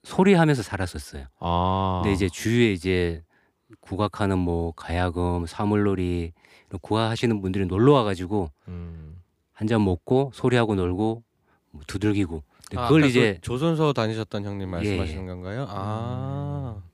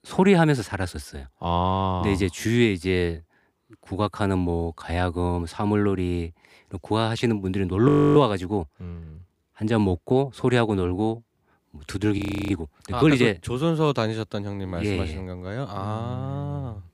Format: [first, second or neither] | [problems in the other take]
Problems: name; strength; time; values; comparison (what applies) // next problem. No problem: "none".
first | audio freezing; at 8 s and at 12 s